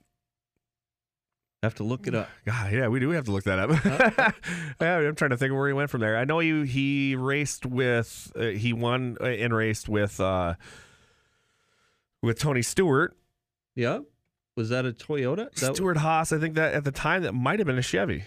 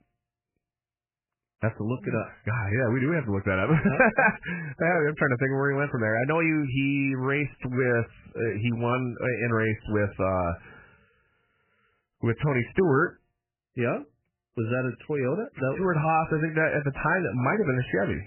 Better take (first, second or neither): first